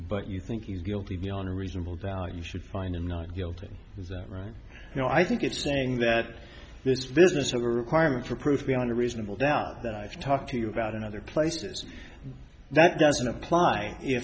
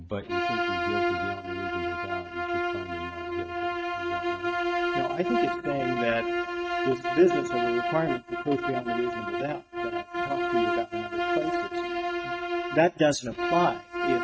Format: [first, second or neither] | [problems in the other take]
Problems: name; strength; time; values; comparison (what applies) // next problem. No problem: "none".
first | noise reduction (neural mask model RNNoise)